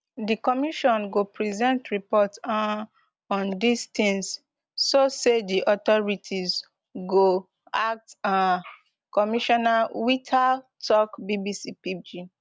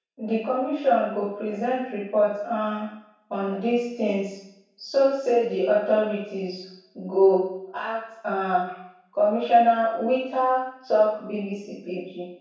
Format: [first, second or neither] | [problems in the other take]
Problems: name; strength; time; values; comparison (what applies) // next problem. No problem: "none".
first | room echo; dies away in 0.7 s